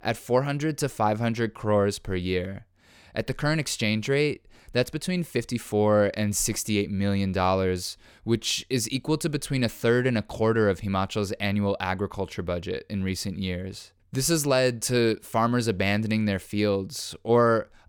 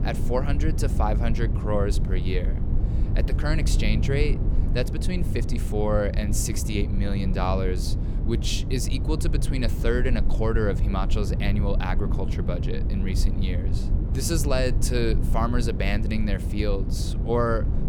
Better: first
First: none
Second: low rumble; loud; throughout; 9 dB below the speech

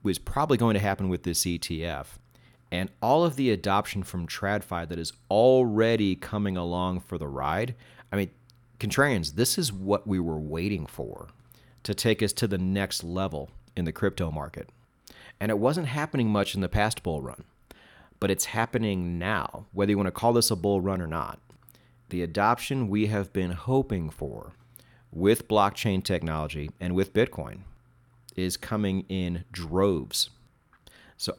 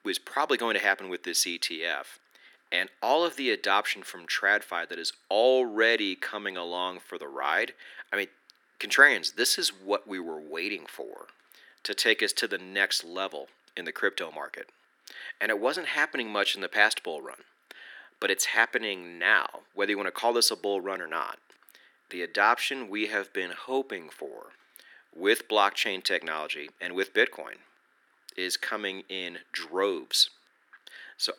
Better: first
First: none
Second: thin; very; fading below 300 Hz

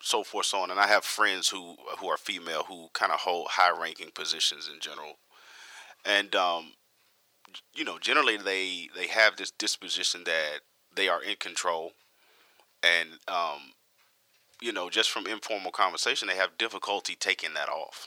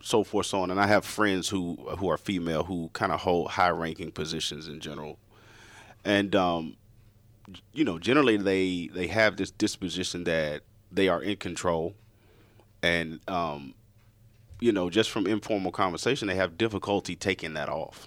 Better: second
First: thin; very; fading below 800 Hz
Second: none

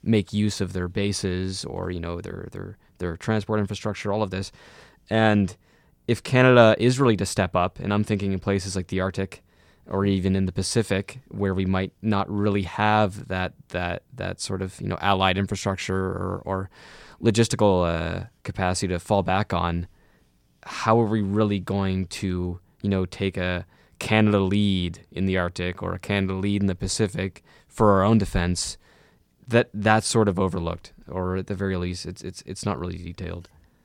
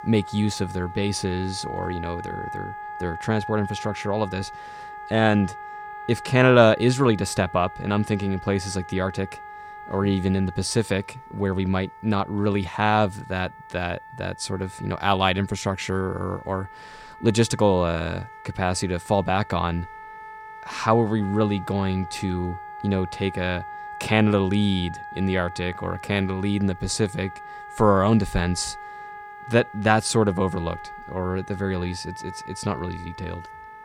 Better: first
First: none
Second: background music; noticeable; throughout; 15 dB below the speech

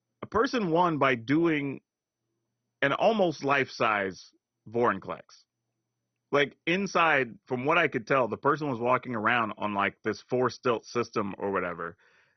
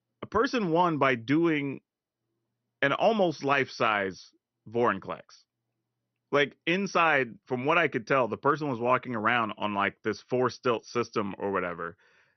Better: second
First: garbled, watery; badly; nothing above 6 kHz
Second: garbled, watery; slightly; nothing above 6 kHz

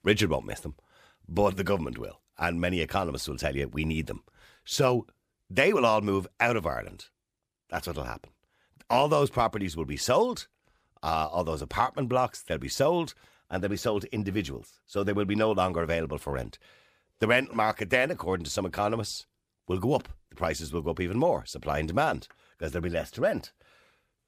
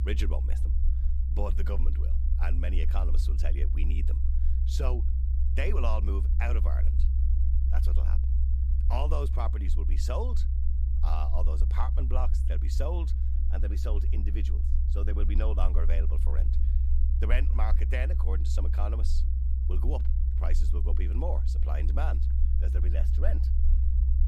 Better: first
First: none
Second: low rumble; loud; throughout; 7 dB below the speech

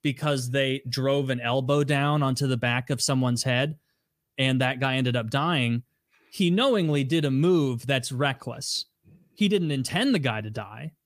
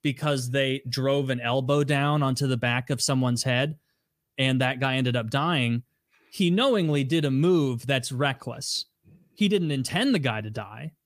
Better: neither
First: none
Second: none

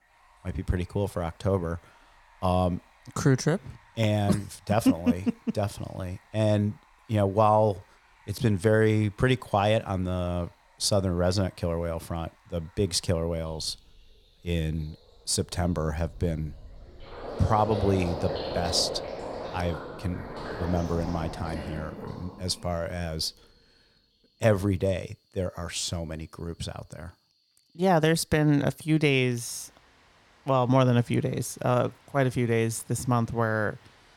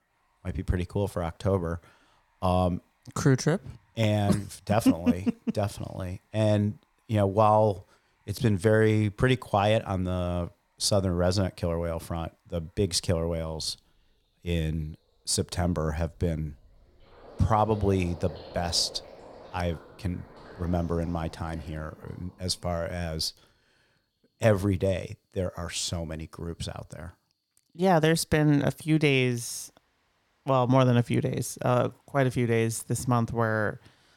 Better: second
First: rain or running water; loud; throughout; 10 dB below the speech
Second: rain or running water; faint; throughout; 20 dB below the speech

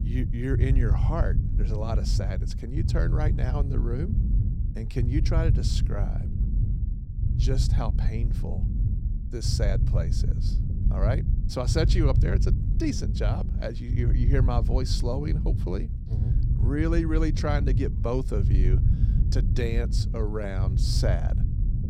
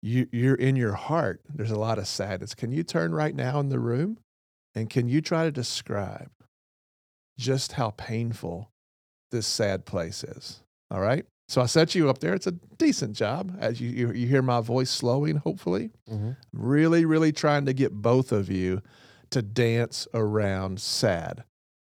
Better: second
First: low rumble; loud; throughout; 7 dB below the speech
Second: none

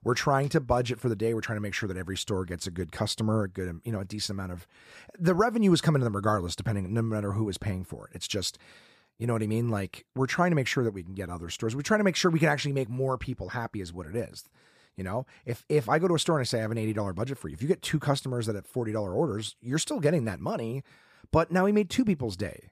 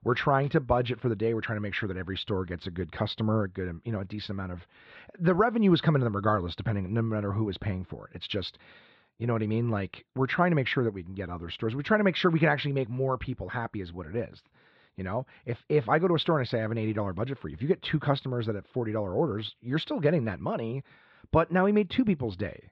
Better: first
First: none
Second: muffled; slightly; fading above 3.5 kHz

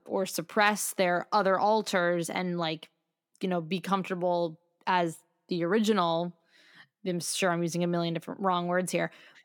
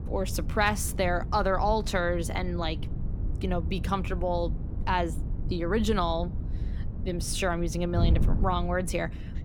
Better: first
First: none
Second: wind noise on the microphone; occasional gusts; 15 dB below the speech

